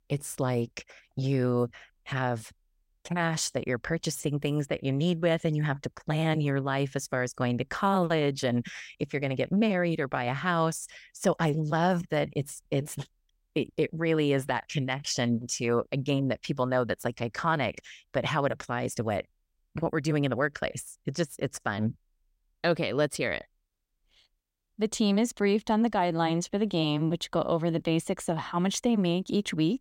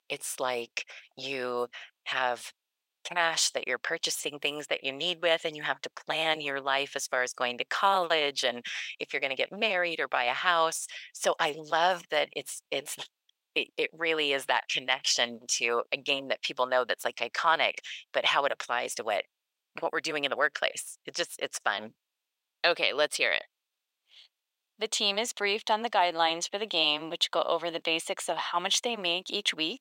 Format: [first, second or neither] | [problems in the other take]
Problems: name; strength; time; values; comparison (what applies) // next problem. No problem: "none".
first | thin; very; fading below 700 Hz